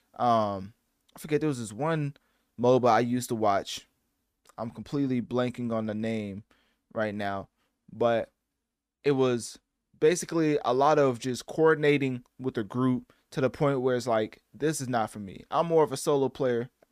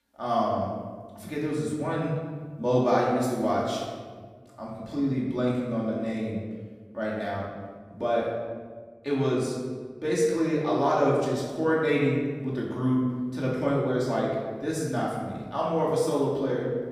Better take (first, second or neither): first